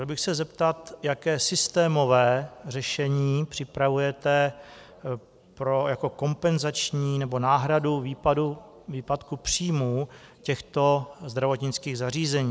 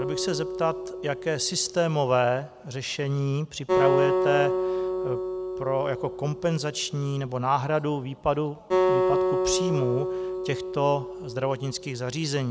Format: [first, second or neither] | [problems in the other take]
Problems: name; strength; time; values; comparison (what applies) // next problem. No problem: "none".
first | background sound (Acoustic guitar); 1 dB below the speech